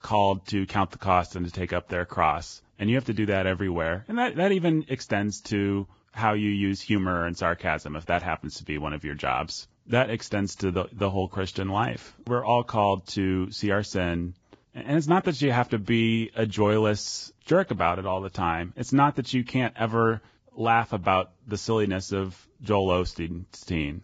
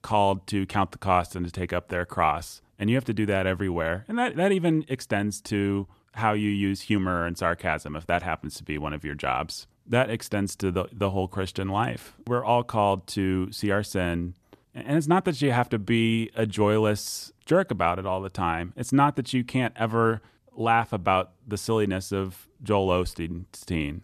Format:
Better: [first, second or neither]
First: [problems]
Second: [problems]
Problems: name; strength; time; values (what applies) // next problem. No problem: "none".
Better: second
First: garbled, watery; badly; nothing above 7.5 kHz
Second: none